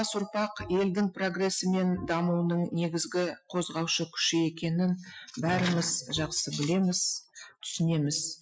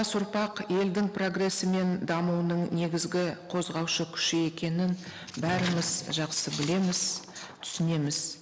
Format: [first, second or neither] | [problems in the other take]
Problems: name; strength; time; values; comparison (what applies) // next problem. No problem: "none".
second | noise reduction (classical method Wiener filter)